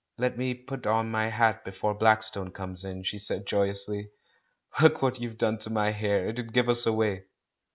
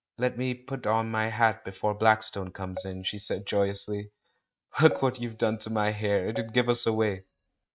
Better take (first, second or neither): first